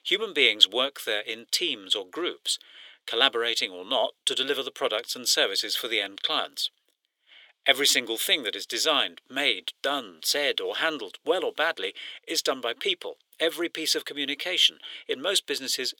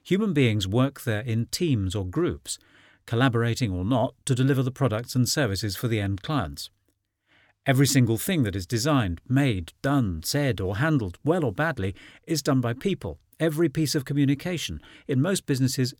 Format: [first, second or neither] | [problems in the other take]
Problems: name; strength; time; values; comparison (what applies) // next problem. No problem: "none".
second | thin; very; fading below 450 Hz